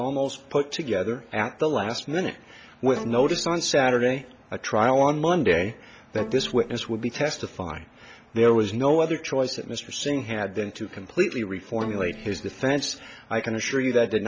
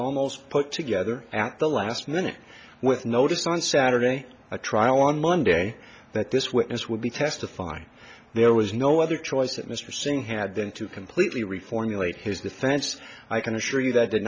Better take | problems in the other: second | background sound (Bowed string instrument); 14 dB below the speech

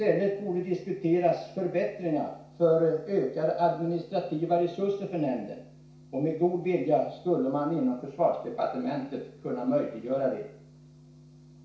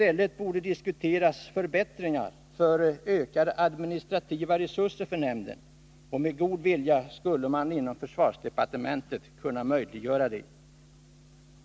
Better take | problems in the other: second | room echo; dies away in 0.6 s

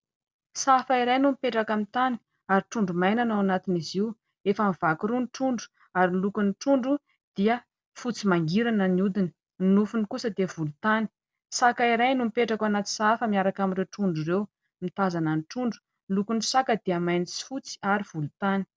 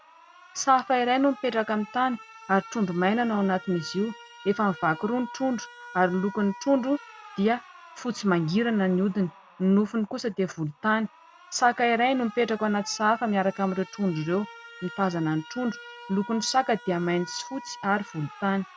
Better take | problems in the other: first | background sound (Alarm); 19 dB below the speech

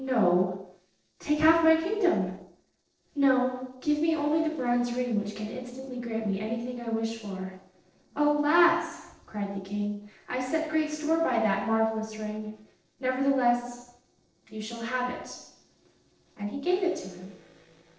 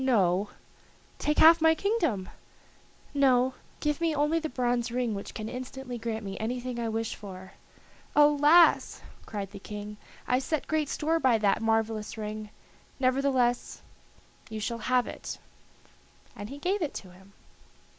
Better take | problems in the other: second | noise reduction (neural separator model SepFormer DNS4)

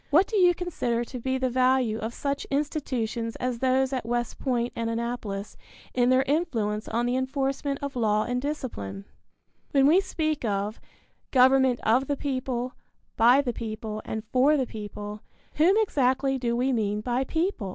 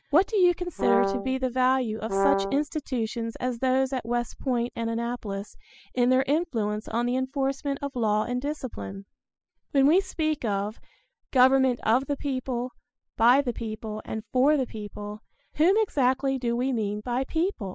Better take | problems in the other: first | noise reduction (classical method spectral subtraction)

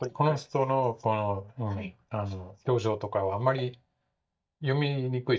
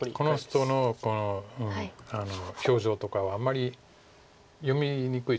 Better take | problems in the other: second | noise reduction (neural mask model DeepFilterNet 3)

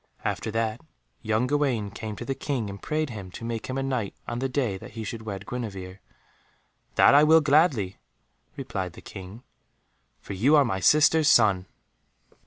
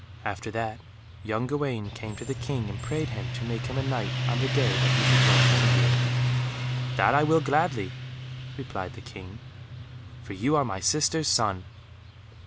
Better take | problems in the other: first | background sound (Motorcycle); 2 dB above the speech

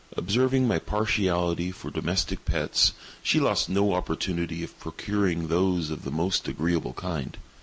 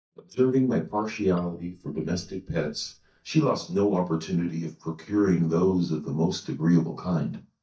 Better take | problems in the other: first | noise reduction (neural mask model DeepFilterNet 3)

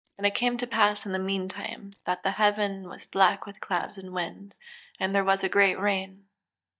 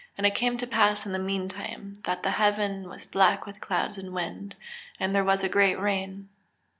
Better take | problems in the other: second | noise reduction (neural mask model DeepFilterNet 3)

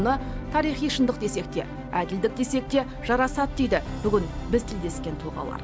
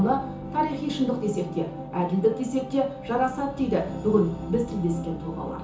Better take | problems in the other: first | room echo; dies away in 0.7 s

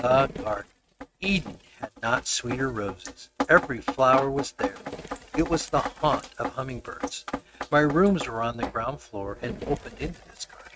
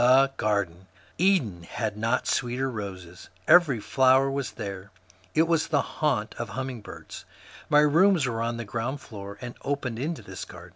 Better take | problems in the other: second | noise reduction (neural mask model RNNoise)

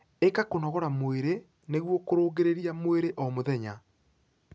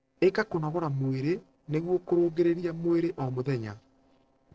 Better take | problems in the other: first | noise reduction (neural separator model SepFormer DNS4)

